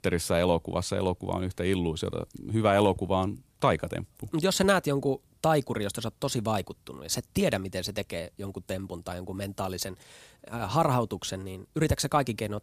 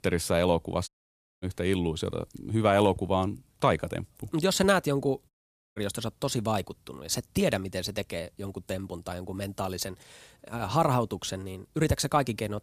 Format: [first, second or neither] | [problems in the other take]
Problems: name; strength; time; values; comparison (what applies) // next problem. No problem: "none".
first | audio cutting out; at 1 s for 0.5 s and at 5.5 s